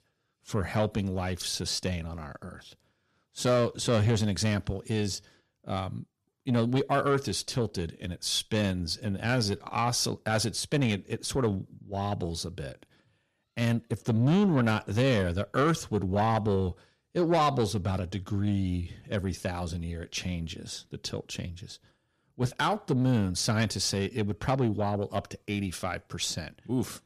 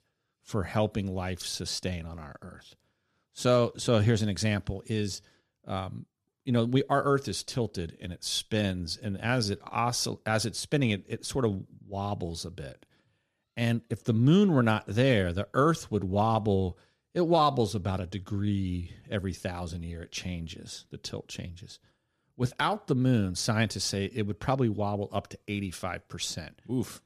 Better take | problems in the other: second | distortion; slight; 10 dB below the speech

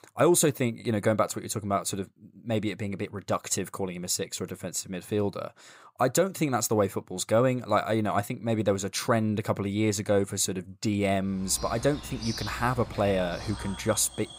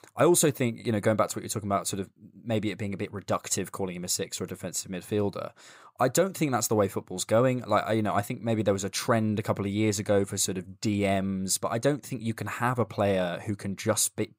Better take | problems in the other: second | animal sounds; noticeable; from 11 s on; 10 dB below the speech

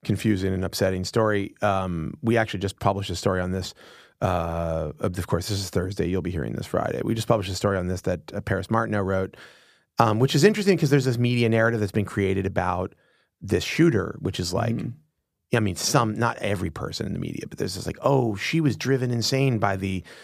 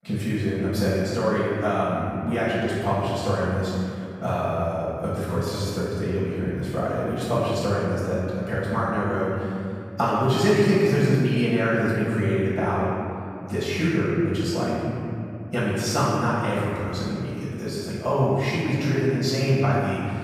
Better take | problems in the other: first | off-mic speech; far // room echo; strong; dies away in 2.4 s

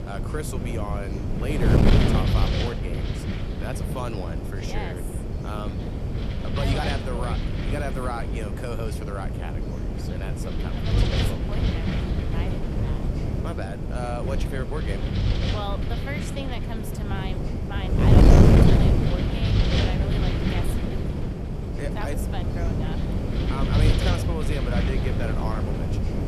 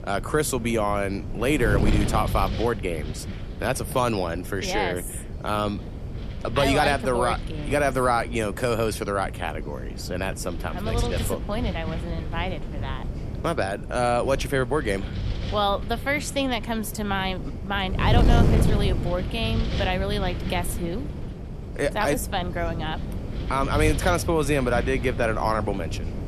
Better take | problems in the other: second | wind noise on the microphone; heavy; 3 dB above the speech; occasional gusts in the second

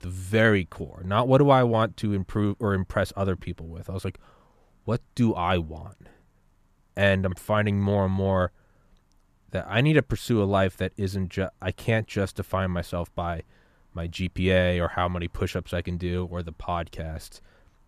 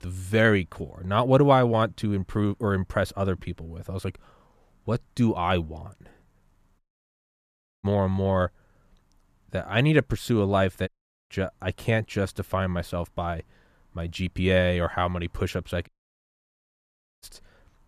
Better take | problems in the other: first | audio cutting out; at 7 s for 1 s, at 11 s and at 16 s for 1.5 s

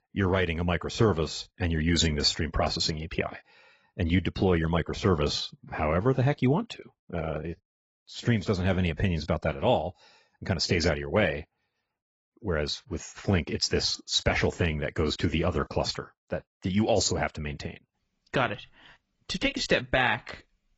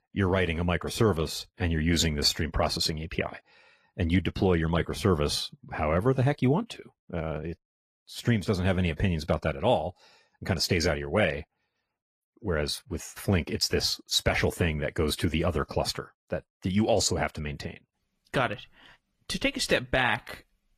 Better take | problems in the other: second | garbled, watery; badly; nothing above 7.5 kHz; slightly in the second

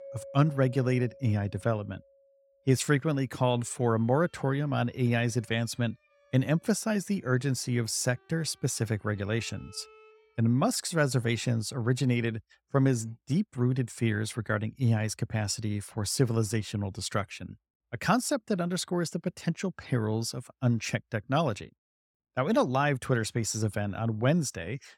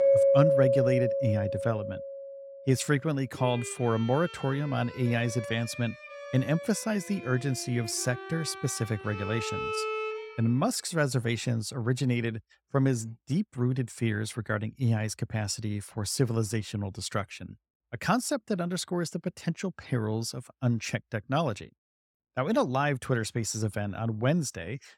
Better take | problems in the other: first | background music; loud; until 10 s; 2 dB below the speech; faint in the first

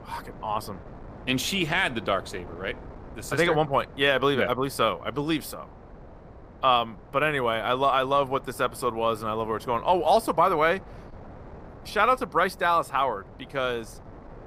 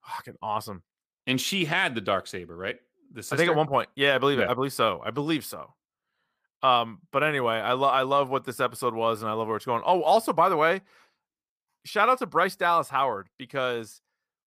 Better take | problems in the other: second | wind noise on the microphone; occasional gusts; 25 dB below the speech

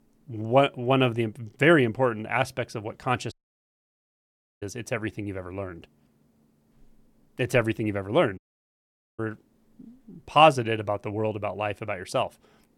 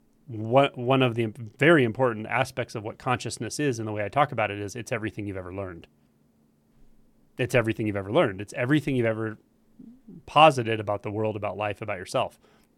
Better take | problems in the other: second | audio cutting out; at 3.5 s for 1.5 s and at 8.5 s for 1 s

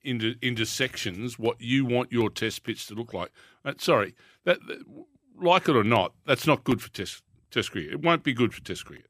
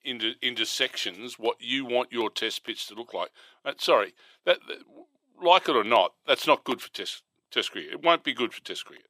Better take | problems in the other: first | thin; somewhat; fading below 400 Hz

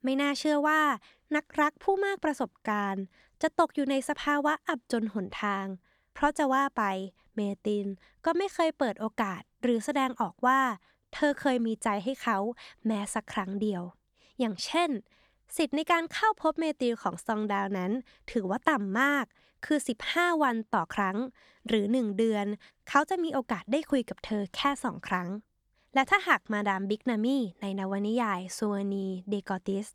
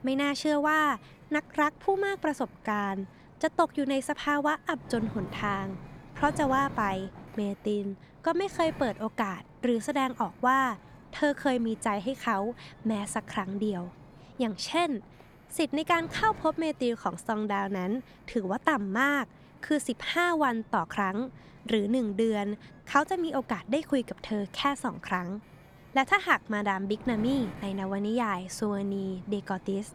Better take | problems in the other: first | wind noise on the microphone; occasional gusts; 25 dB below the speech

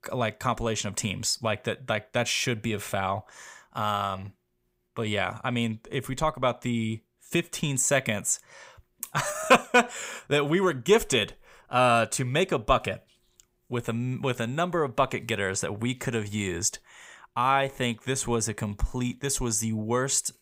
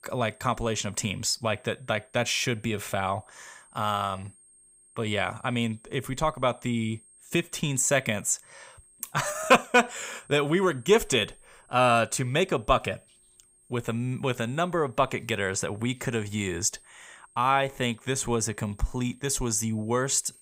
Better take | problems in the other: first | high-pitched whine; faint; throughout; 8.5 kHz, 30 dB below the speech

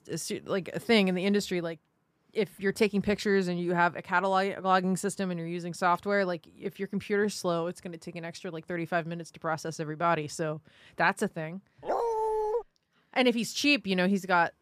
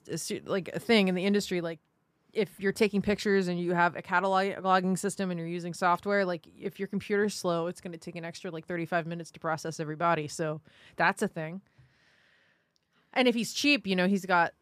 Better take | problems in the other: second | dog barking; noticeable; at 12 s; peak level with the speech

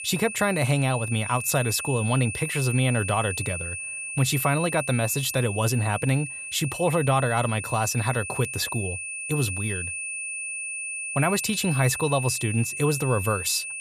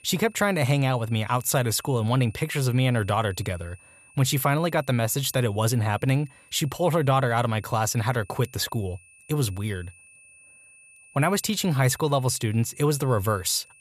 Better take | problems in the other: second | high-pitched whine; loud; throughout; 2.5 kHz, 6 dB below the speech; faint in the second

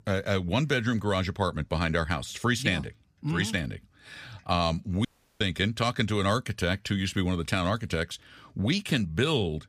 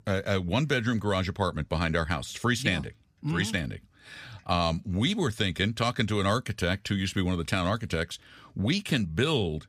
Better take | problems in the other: second | audio cutting out; at 5 s

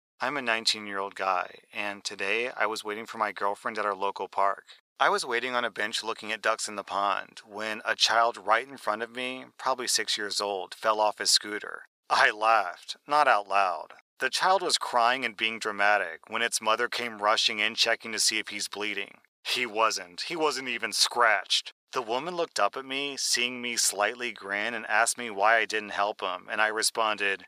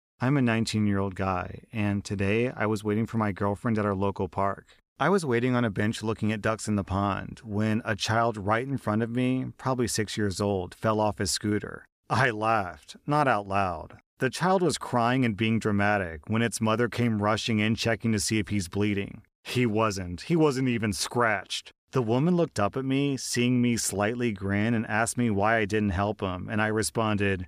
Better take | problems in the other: second | thin; very; fading below 750 Hz

